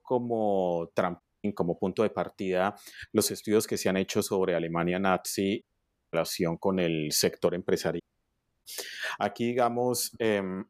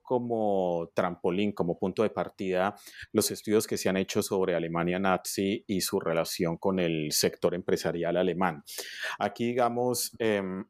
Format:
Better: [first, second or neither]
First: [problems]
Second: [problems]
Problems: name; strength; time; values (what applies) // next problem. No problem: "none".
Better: second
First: audio cutting out; at 1 s, at 5.5 s for 0.5 s and at 8 s for 0.5 s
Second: none